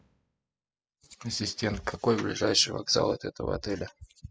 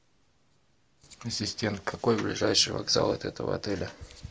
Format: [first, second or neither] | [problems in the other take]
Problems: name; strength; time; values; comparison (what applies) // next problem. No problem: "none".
second | noise reduction (classical method spectral subtraction)